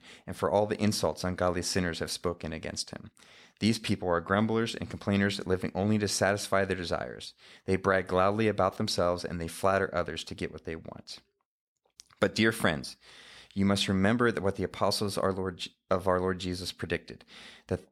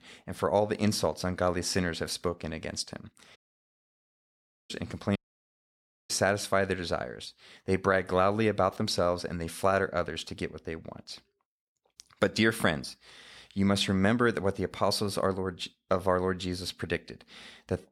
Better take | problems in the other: first | audio cutting out; at 3.5 s for 1.5 s and at 5 s for 1 s

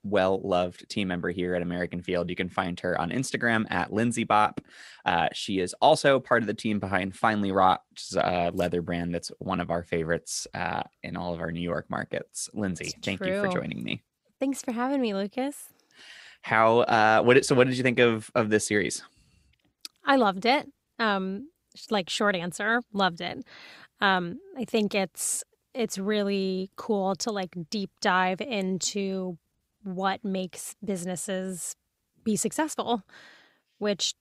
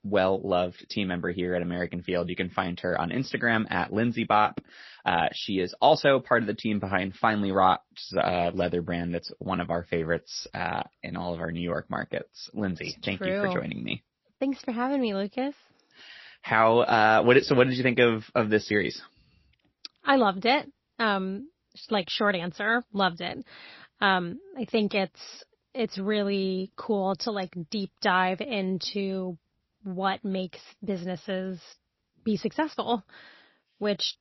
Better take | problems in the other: first | garbled, watery; slightly; nothing above 5.5 kHz

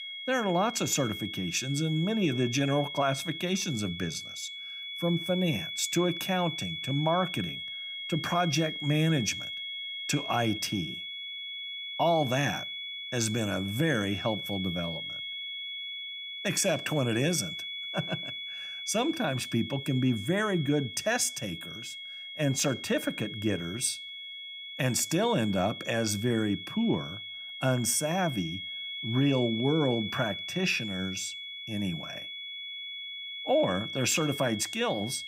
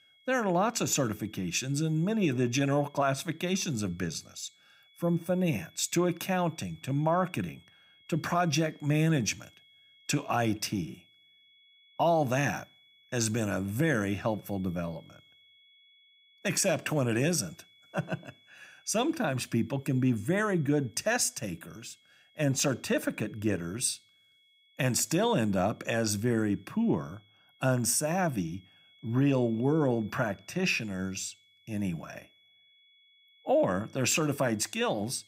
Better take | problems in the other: second | high-pitched whine; loud; throughout; 3.5 kHz, 7 dB below the speech; faint in the second

